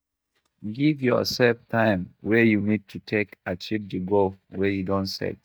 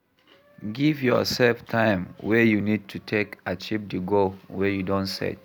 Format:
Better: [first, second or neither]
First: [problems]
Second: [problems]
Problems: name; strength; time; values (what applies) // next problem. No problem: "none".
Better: second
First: noise reduction (neural mask model DeepFilterNet 3)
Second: none